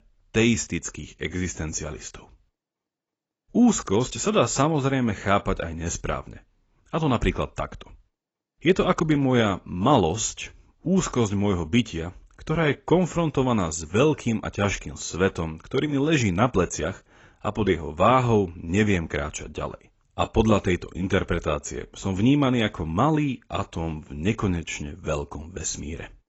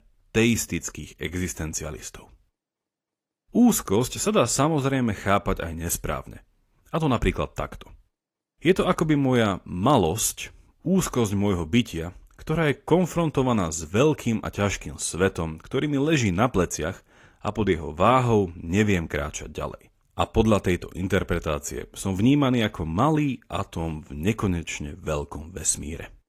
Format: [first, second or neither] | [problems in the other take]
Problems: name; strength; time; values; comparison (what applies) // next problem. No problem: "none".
second | garbled, watery; badly; nothing above 7.5 kHz; slightly in the second